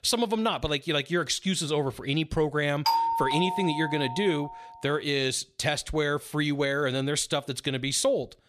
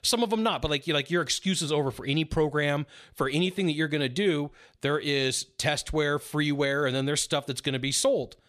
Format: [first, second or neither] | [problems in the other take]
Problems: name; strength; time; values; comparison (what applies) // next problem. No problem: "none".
second | doorbell; loud; from 3 to 4.5 s; peak 3 dB above the speech